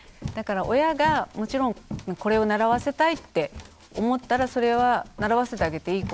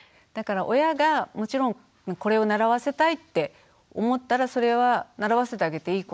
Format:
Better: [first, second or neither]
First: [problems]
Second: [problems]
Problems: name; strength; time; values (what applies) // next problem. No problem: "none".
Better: second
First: background sound (Run); 15 dB below the speech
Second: none